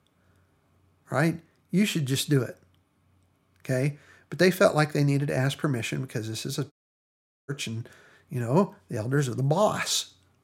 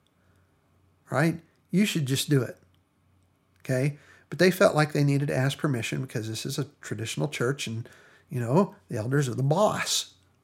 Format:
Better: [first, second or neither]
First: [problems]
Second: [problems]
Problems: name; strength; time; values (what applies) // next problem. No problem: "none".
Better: second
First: audio cutting out; at 6.5 s for 1 s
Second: none